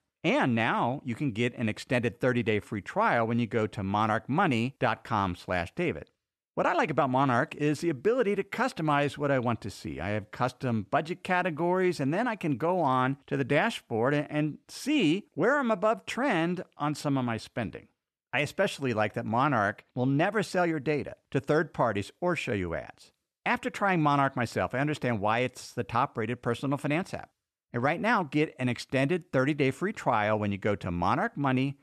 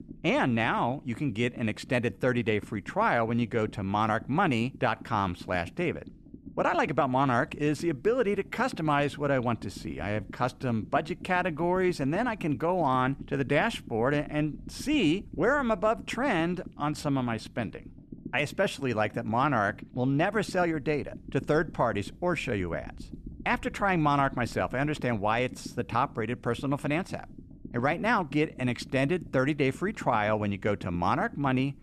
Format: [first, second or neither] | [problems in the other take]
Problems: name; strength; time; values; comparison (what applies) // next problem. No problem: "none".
first | low rumble; faint; throughout; 25 dB below the speech